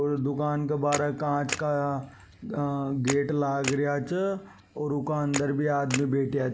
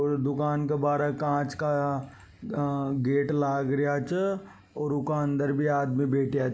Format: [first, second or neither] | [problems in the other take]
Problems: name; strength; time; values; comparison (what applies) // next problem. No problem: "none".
second | background sound (Camera); 12 dB below the speech